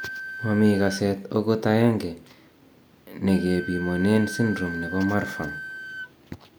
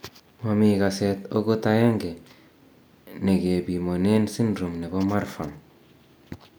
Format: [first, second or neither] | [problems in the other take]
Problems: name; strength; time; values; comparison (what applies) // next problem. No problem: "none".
second | background sound (Wind instrument, woodwind instrument); 13 dB below the speech